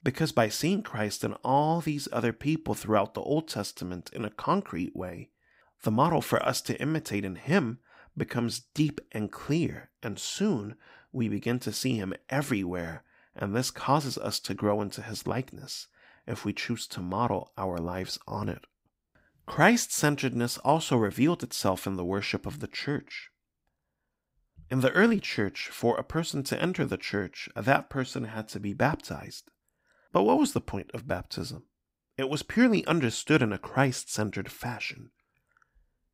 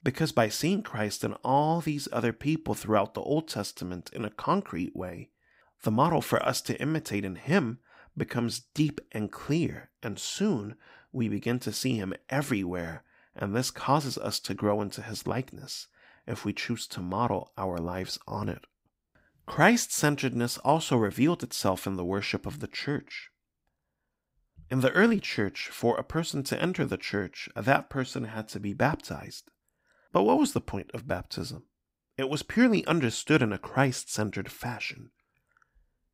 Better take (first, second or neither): neither